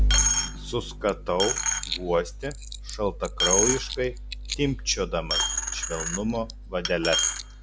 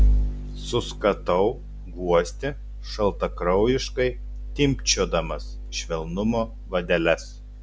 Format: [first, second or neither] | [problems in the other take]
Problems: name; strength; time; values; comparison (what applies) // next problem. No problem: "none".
second | background sound (Coin (dropping)); 2 dB below the speech